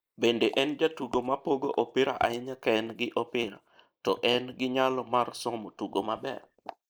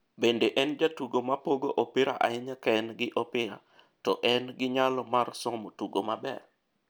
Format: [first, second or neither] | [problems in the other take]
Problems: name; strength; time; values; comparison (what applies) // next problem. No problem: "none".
second | noise reduction (neural mask model Resemble Enhance denoiser)